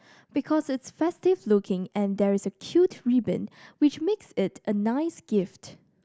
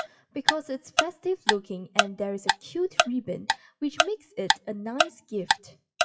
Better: first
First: none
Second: noise reduction (classical method WPE with log-MMSE)

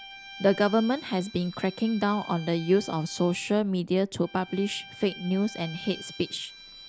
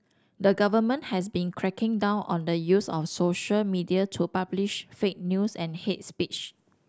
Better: second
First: background sound (Bowed string instrument); 17 dB below the speech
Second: none

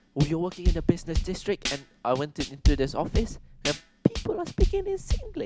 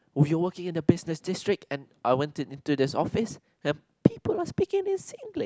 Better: second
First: background sound (Drum / Drum kit); as loud as the speech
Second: none

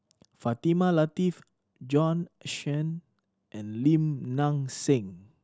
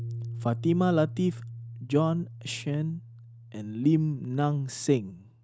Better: first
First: none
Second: background sound (Piano); 12 dB below the speech

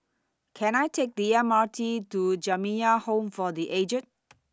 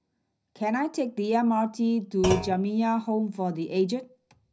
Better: first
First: none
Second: background sound (Thump, thud); 9 dB below the speech // room echo; dies away in 0.5 s

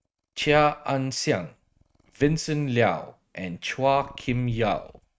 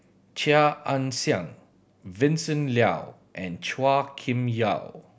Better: second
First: noise reduction (neural mask model RNNoise)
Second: none

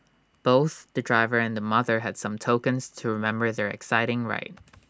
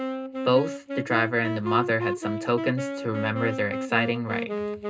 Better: first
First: none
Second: background sound (Wind instrument, woodwind instrument); 4 dB below the speech // room echo; dies away in 0.2 s

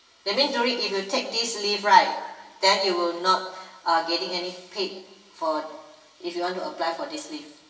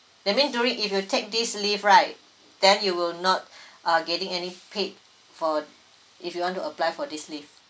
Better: second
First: room echo; dies away in 1.2 s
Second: none

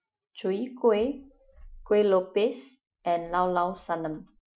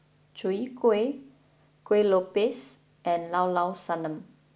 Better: second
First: noise reduction (classical method Wiener filter)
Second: none

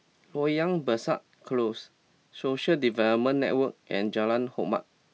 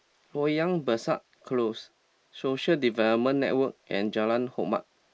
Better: first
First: none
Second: noise reduction (neural mask model Resemble Enhance denoiser)

